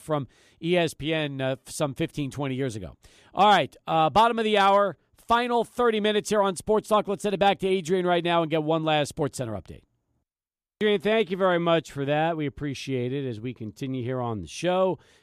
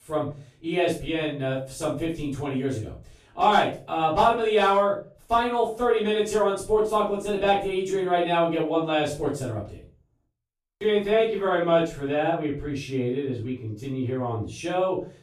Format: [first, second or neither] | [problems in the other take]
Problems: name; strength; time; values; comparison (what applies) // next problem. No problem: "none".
first | room echo; noticeable; dies away in 0.3 s // off-mic speech; far